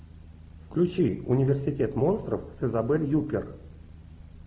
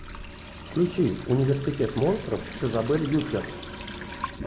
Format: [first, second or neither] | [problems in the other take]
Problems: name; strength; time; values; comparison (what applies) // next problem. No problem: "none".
first | background sound (Sink (filling or washing) / Water tap, faucet); 12 dB below the speech